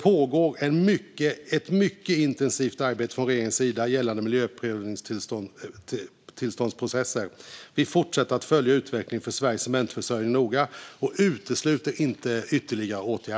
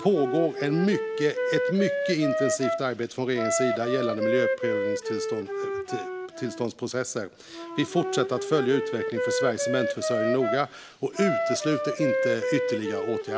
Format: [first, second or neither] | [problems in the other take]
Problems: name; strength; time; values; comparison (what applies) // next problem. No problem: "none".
first | background sound (Wind instrument, woodwind instrument); 1 dB below the speech